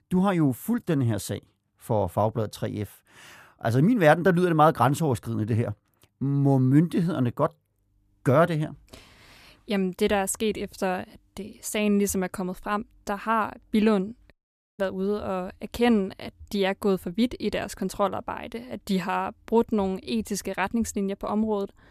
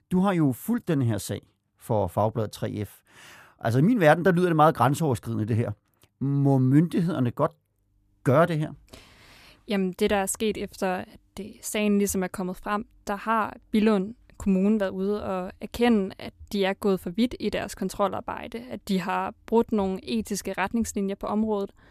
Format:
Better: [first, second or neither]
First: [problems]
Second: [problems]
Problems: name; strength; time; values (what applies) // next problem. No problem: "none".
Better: second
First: audio cutting out; at 14 s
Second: none